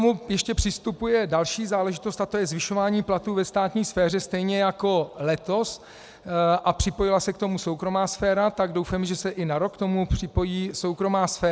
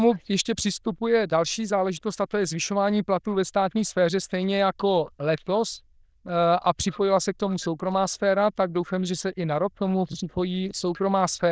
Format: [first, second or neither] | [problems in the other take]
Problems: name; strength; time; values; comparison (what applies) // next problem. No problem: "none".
first | noise reduction (neural diffusion model UNIVERSE++)